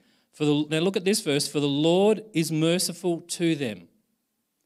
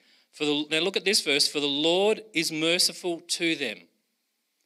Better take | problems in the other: first | thin; very slightly; fading below 300 Hz

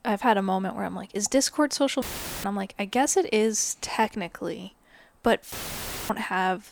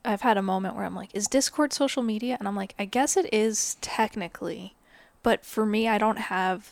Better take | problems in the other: second | audio cutting out; filled with static; at 2 s and at 5.5 s for 0.5 s

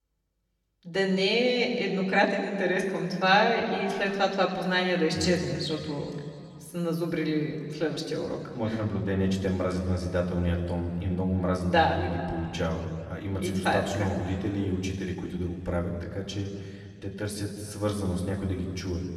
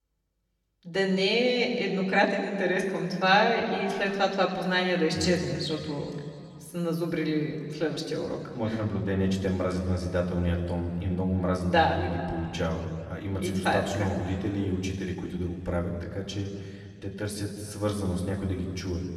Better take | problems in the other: neither | room echo; noticeable; dies away in 2.2 s; the same in both // off-mic speech; somewhat distant; the same in both

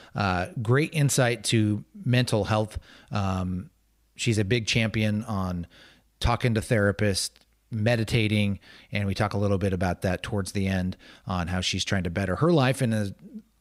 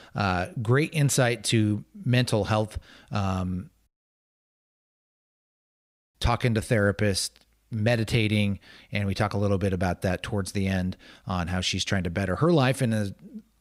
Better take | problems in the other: first | audio cutting out; at 4 s for 2.5 s

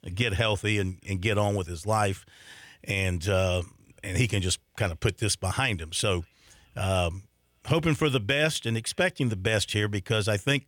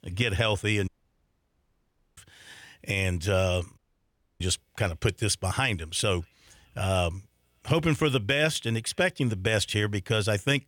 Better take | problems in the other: first | audio cutting out; at 1 s for 1.5 s and at 4 s for 0.5 s

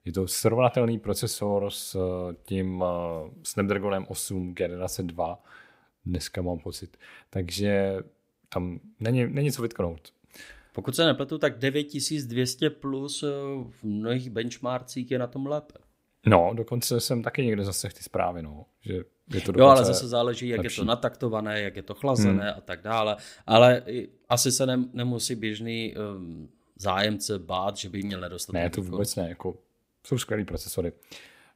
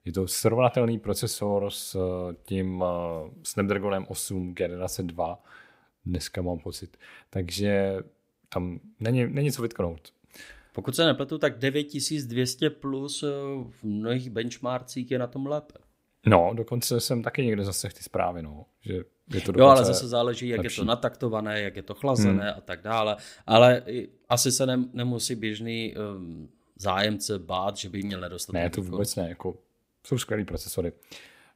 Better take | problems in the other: neither | none

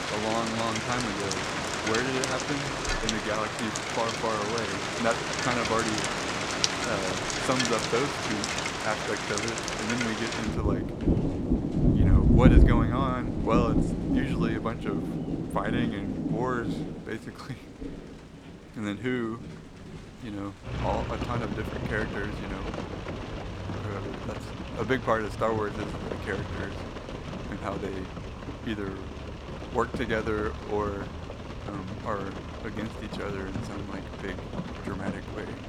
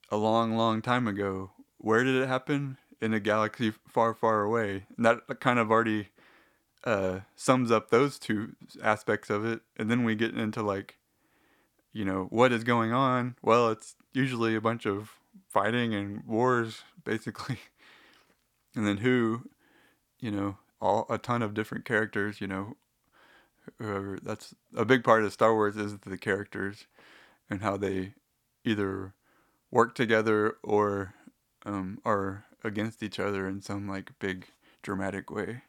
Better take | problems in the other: second | rain or running water; very loud; throughout; 3 dB above the speech

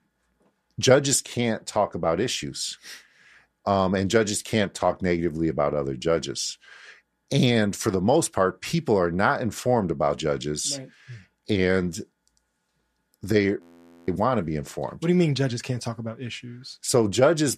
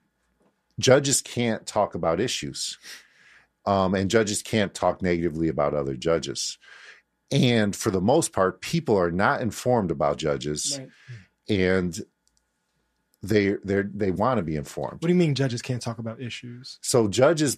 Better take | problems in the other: second | audio freezing; at 14 s

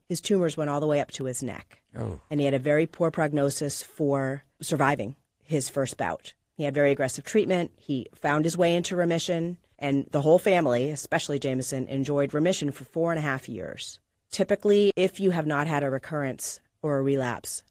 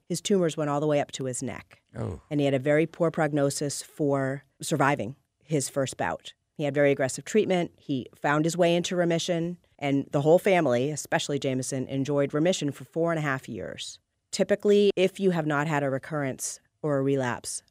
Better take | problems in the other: second | garbled, watery; slightly; nothing above 15.5 kHz

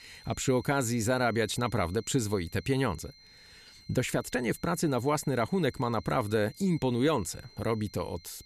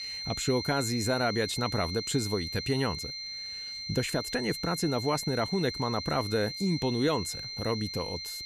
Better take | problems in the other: first | high-pitched whine; loud; throughout; 4 kHz, 5 dB below the speech; faint in the first

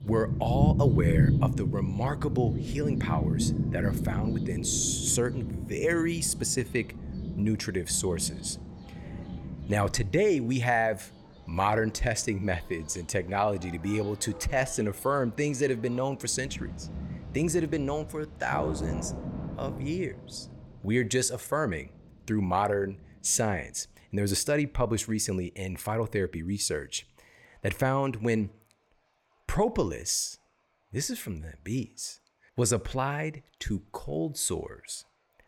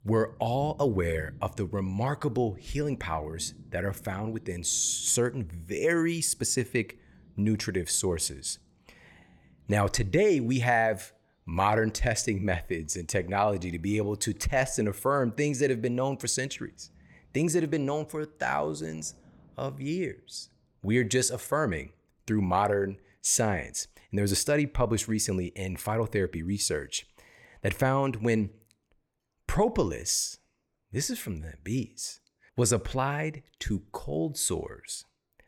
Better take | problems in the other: second | rain or running water; loud; throughout; 2 dB below the speech; faint in the second

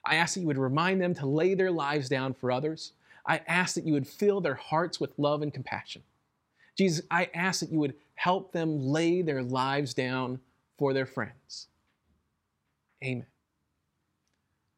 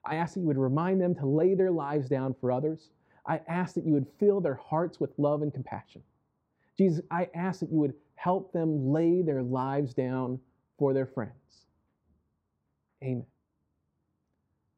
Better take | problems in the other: first | muffled; very; fading above 1.5 kHz

